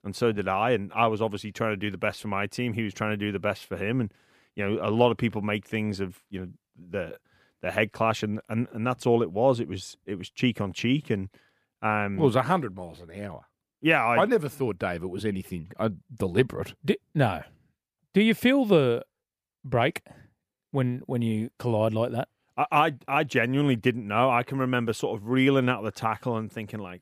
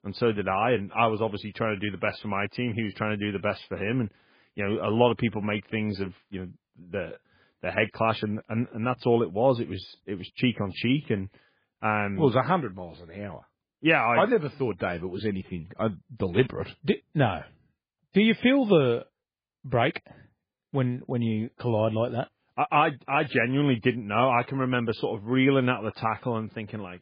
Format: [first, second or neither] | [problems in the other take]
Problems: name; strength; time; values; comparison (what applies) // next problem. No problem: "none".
first | garbled, watery; badly; nothing above 4.5 kHz